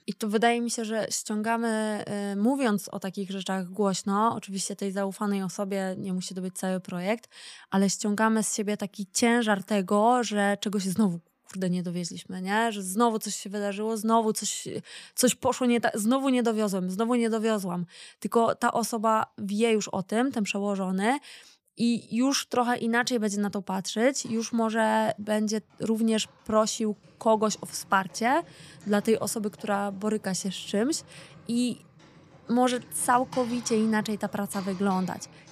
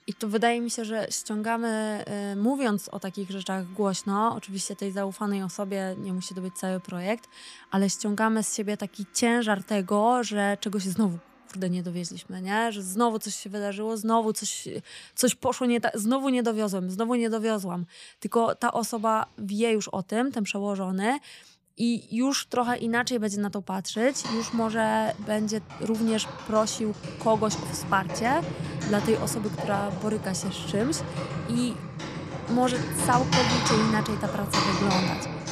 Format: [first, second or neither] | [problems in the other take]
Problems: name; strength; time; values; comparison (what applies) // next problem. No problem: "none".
first | household noises; loud; throughout; 4 dB below the speech; faint in the first